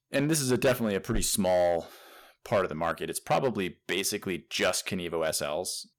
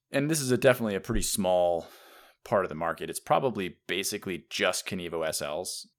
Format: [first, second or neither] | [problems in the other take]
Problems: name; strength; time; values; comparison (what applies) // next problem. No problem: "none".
second | distortion; slight; 4% of the sound clipped